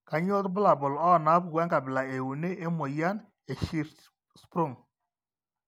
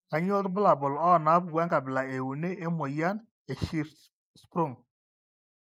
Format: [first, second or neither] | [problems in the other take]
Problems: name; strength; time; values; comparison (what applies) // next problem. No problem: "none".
first | noise reduction (neural mask model Resemble Enhance denoiser)